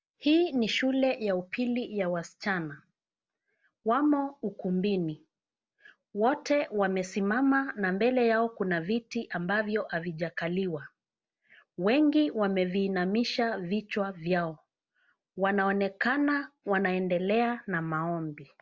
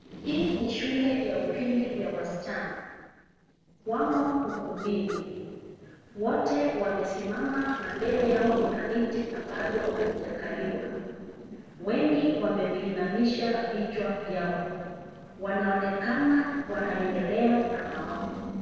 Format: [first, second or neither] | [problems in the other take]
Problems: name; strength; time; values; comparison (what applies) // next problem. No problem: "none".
first | noise reduction (neural separator model SepFormer DNS4)